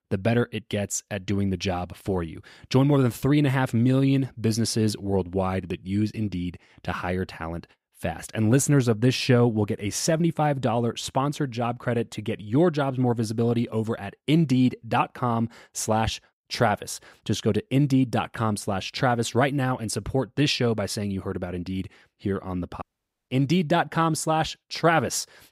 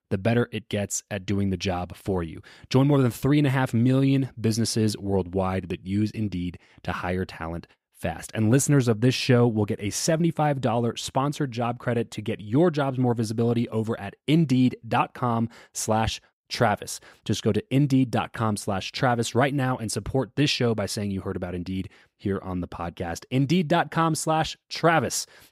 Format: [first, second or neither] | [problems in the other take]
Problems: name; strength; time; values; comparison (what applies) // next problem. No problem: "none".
second | audio cutting out; at 23 s